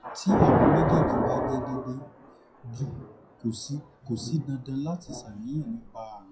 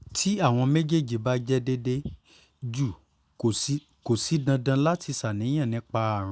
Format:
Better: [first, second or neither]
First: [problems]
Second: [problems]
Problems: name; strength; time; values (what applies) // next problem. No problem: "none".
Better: second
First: noise reduction (classical method WPE with log-MMSE)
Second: none